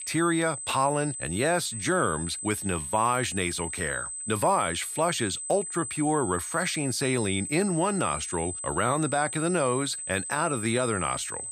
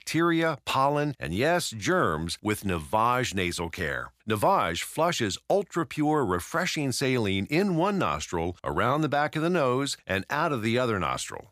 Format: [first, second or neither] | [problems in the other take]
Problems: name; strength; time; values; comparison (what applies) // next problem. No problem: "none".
second | high-pitched whine; loud; throughout; 8 kHz, 6 dB below the speech